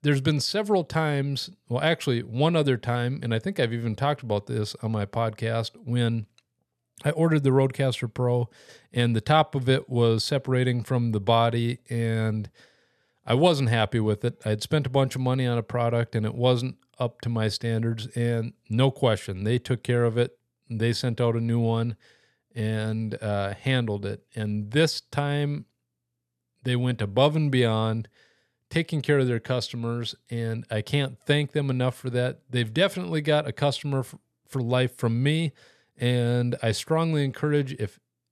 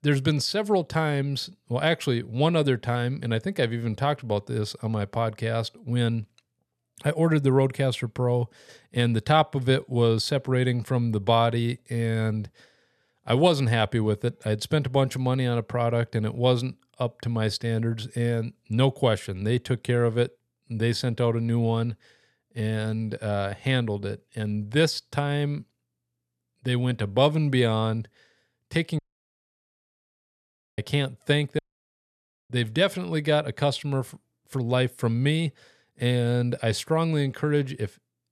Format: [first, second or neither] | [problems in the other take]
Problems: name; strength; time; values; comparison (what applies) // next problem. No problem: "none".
first | audio cutting out; at 29 s for 2 s and at 32 s for 1 s